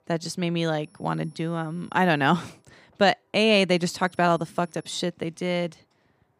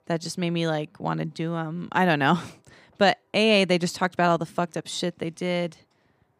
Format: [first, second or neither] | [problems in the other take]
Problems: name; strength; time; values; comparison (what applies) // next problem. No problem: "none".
second | high-pitched whine; faint; from 1 to 2.5 s and from 4 to 5 s; 10 kHz, 35 dB below the speech